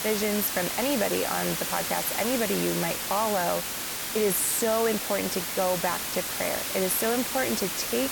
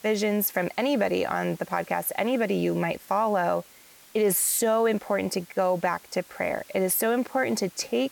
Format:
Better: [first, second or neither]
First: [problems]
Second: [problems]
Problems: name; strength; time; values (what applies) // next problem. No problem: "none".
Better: second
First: hiss; loud; throughout; 1 dB below the speech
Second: hiss; faint; throughout; 25 dB below the speech